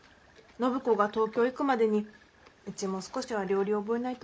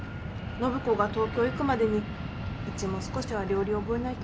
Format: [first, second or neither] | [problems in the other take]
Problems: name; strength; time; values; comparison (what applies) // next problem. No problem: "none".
first | background sound (Fixed-wing aircraft, airplane); 5 dB below the speech